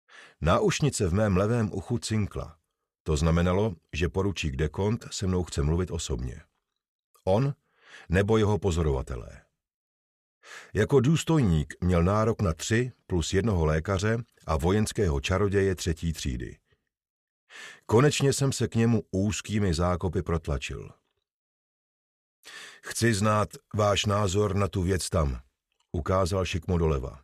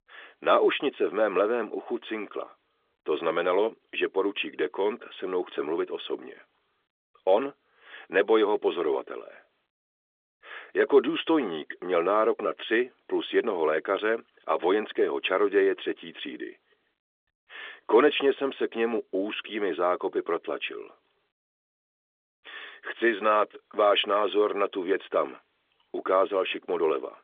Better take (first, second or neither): first